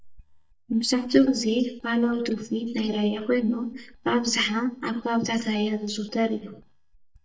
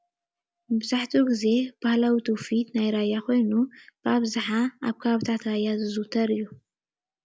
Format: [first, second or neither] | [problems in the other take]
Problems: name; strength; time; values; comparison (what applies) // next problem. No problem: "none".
second | noise reduction (neural mask model DeepFilterNet 3)